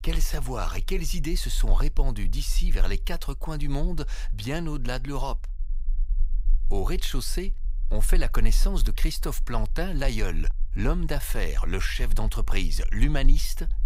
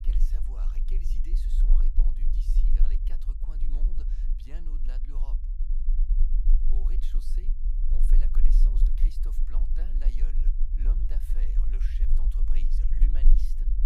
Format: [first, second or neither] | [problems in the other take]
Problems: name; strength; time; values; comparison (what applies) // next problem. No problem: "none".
first | low rumble; loud; throughout; as loud as the speech; faint in the first